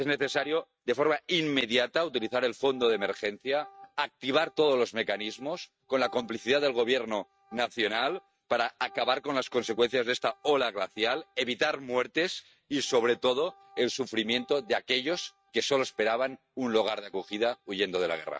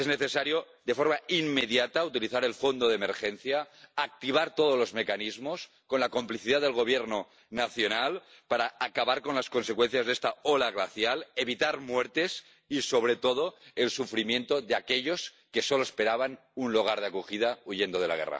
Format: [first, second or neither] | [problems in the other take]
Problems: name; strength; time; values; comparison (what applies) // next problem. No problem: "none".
second | noise reduction (neural mask model RNNoise)